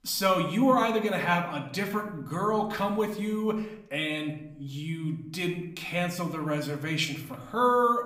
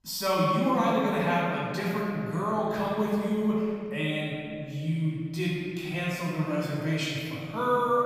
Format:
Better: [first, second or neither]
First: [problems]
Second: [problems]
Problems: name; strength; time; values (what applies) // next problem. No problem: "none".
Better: first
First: room echo; slight; dies away in 0.6 s // off-mic speech; somewhat distant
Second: room echo; strong; dies away in 2.4 s // off-mic speech; far